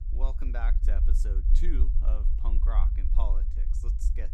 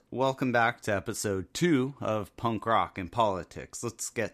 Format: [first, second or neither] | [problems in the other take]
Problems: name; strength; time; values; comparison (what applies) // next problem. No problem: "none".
second | low rumble; loud; throughout; 7 dB below the speech